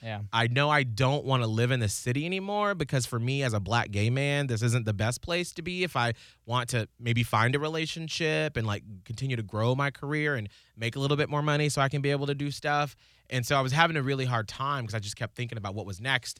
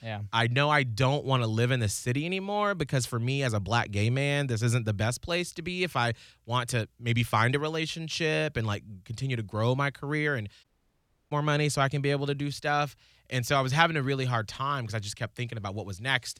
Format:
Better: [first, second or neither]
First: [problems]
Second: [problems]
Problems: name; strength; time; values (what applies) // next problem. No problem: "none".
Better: first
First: none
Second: audio cutting out; at 11 s for 0.5 s